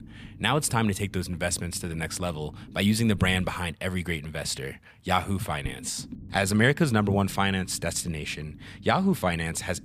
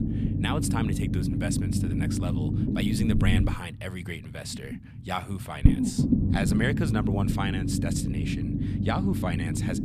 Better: first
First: low rumble; faint; throughout; 25 dB below the speech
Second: low rumble; loud; throughout; 1 dB below the speech

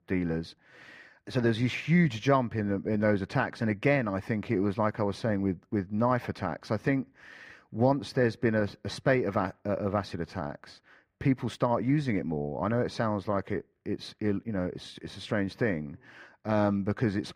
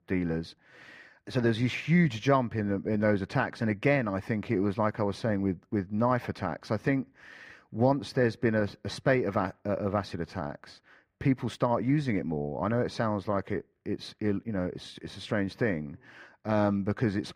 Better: neither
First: muffled; slightly; fading above 3.5 kHz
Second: muffled; slightly; fading above 3.5 kHz

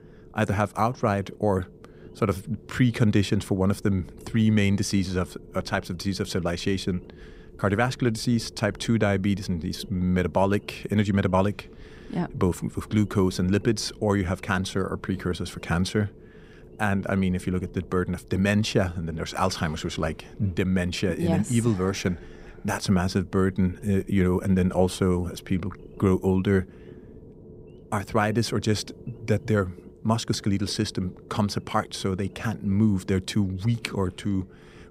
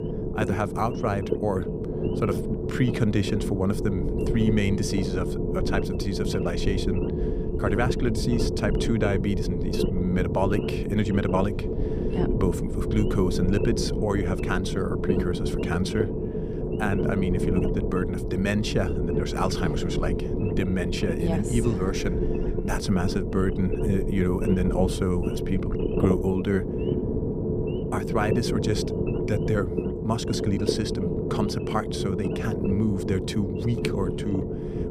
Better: first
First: low rumble; faint; throughout; 25 dB below the speech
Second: low rumble; loud; throughout; 1 dB below the speech

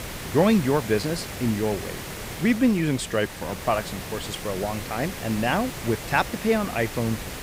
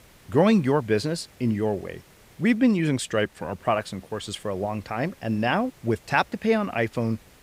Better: second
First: hiss; loud; throughout; 9 dB below the speech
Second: hiss; faint; throughout; 30 dB below the speech

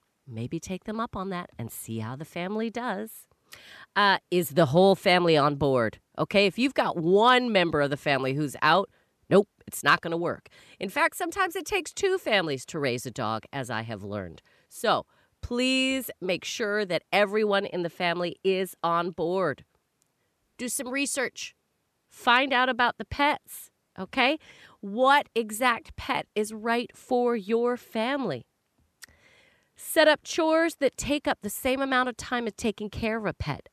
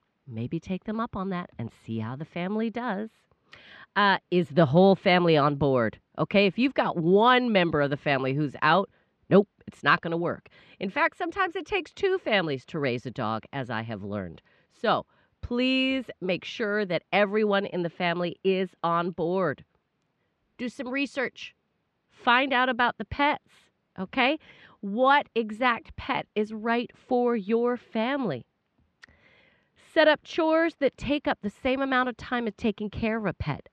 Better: first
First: none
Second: muffled; very slightly; fading above 3.5 kHz

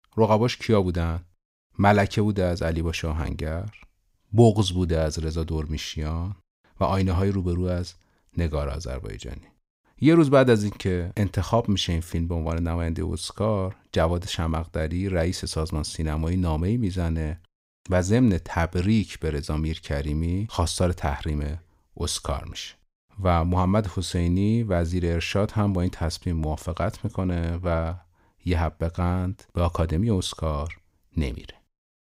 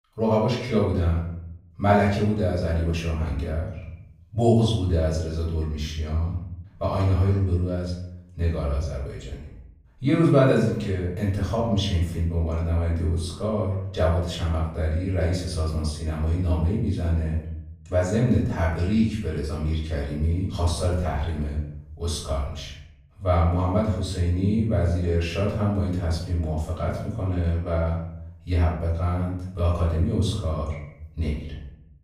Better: first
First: none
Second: off-mic speech; far // room echo; noticeable; dies away in 0.7 s

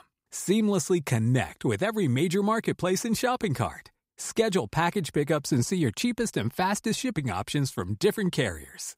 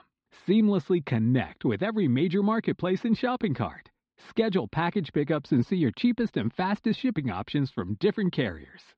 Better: first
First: none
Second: muffled; slightly; fading above 4 kHz

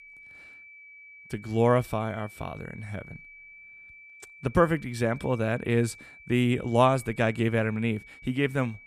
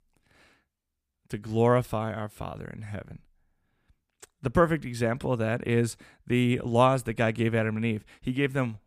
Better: second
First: high-pitched whine; faint; throughout; 2.5 kHz, 20 dB below the speech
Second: none

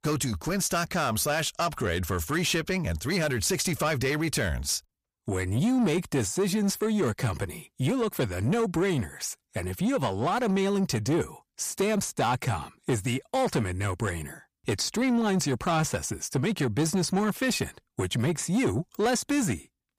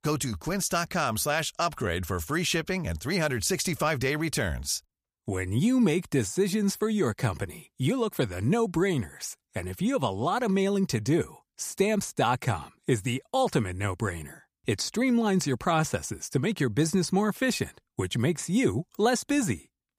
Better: second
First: distortion; slight; 10 dB below the speech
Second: none

